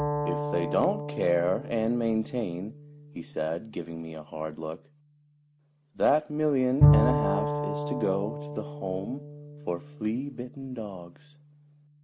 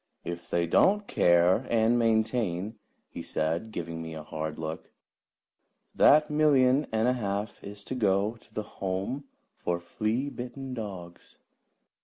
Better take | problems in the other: second | background sound (Bowed string instrument); 1 dB below the speech

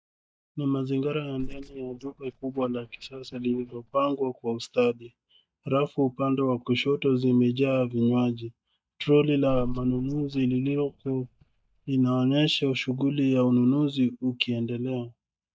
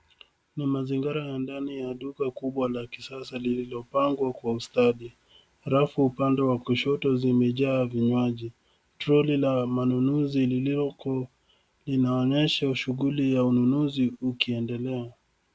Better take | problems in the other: second | noise reduction (neural mask model DeepFilterNet 3)

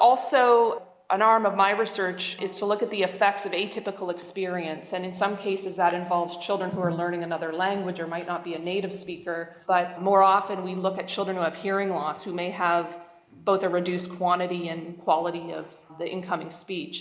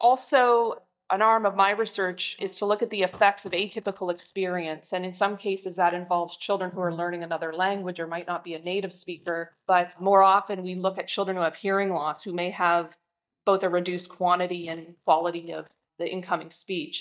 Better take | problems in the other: first | noise reduction (neural mask model DeepFilterNet 3)

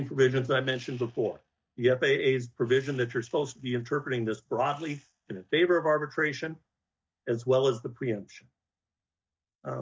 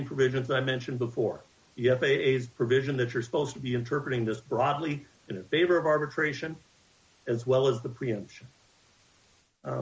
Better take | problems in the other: second | noise reduction (neural mask model DeepFilterNet 3)

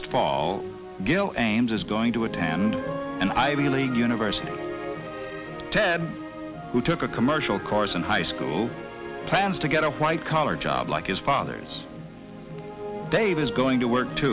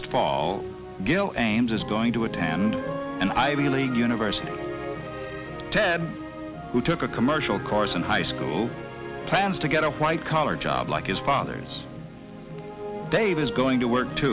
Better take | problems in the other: first | background sound (Keyboard (musical)); 18 dB below the speech

